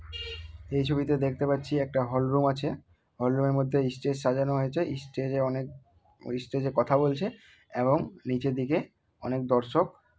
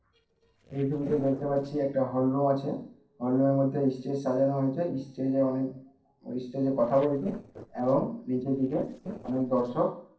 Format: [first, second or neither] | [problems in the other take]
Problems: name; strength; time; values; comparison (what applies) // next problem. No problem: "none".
first | noise reduction (neural separator model SepFormer DNS4)